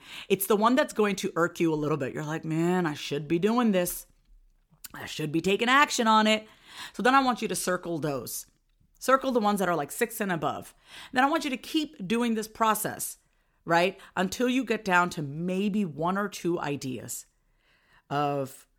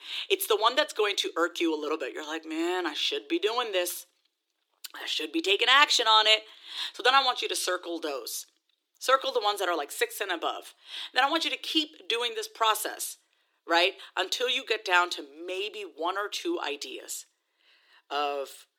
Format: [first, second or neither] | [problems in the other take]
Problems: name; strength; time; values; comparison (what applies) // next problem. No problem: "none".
first | thin; very; fading below 300 Hz